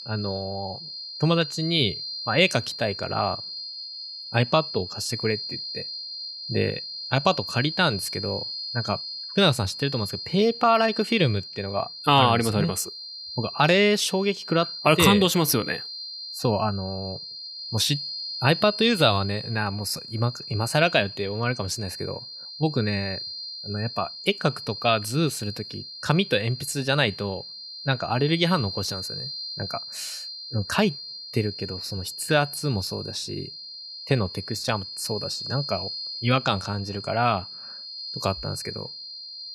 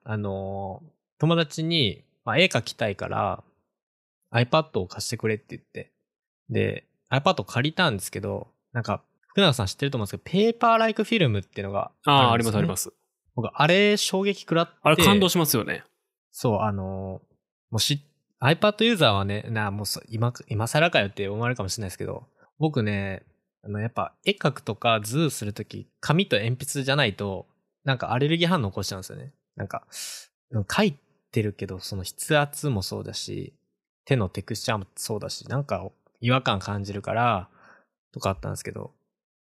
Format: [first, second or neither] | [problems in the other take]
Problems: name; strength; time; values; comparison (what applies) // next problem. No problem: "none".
second | high-pitched whine; loud; throughout; 4 kHz, 9 dB below the speech